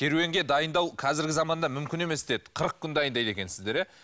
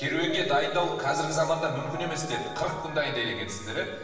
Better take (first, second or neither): first